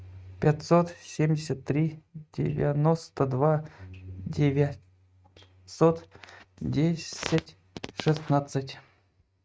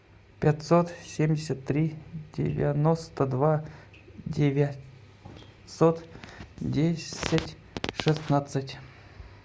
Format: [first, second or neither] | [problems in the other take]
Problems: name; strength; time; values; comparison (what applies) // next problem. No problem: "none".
second | noise reduction (neural mask model RNNoise)